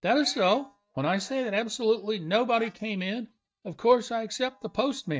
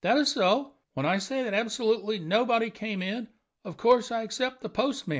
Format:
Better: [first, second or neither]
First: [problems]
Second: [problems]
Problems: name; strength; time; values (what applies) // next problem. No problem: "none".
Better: second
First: noise reduction (neural mask model DeepFilterNet 3)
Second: none